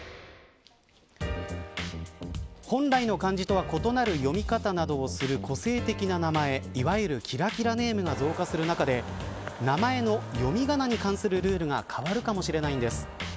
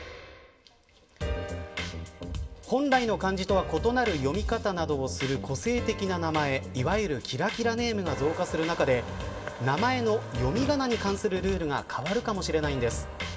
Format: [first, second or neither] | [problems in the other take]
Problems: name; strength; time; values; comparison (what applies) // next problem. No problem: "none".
first | background sound (Fart); 12 dB below the speech // room echo; dies away in 0.3 s